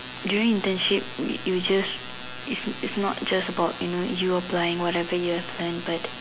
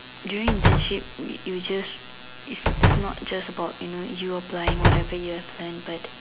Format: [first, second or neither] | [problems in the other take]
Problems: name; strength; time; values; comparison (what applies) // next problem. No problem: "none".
first | background sound (Slam); 5 dB above the speech